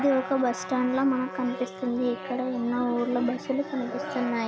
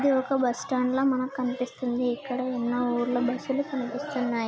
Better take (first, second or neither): second